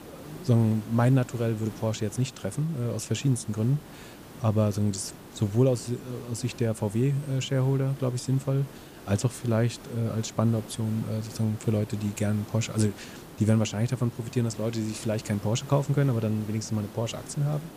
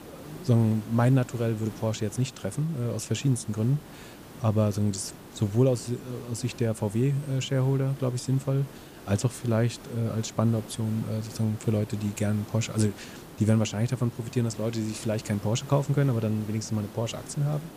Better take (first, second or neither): neither